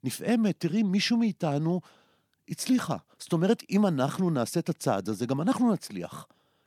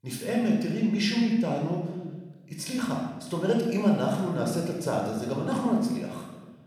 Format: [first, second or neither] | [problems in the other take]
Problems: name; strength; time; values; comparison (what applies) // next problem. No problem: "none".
first | off-mic speech; somewhat distant // room echo; noticeable; dies away in 1.1 s